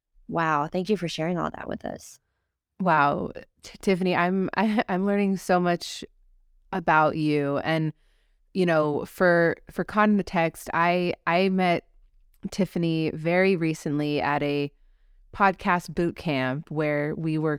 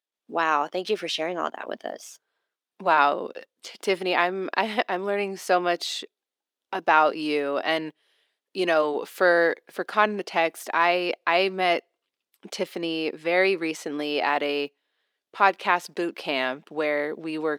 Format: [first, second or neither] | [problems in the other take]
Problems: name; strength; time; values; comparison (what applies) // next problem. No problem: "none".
first | thin; somewhat; fading below 350 Hz